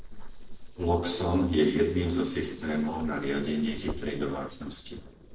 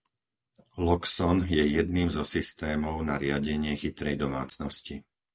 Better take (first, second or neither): second